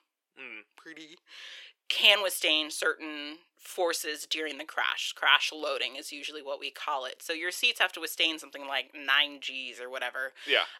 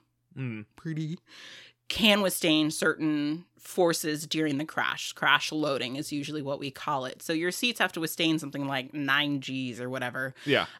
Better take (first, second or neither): second